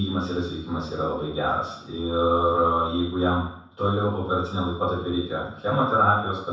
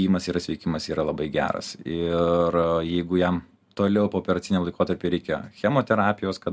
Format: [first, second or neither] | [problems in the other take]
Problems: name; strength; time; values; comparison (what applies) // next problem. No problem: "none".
second | room echo; dies away in 0.7 s